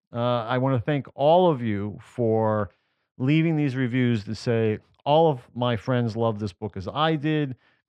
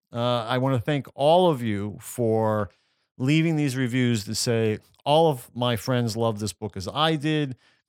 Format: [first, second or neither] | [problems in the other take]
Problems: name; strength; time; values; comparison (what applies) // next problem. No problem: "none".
second | muffled; slightly; fading above 2.5 kHz